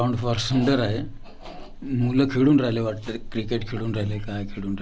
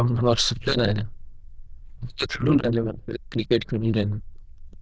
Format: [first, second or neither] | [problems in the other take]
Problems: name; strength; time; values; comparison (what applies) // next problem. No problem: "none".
first | noise reduction (neural diffusion model UNIVERSE++)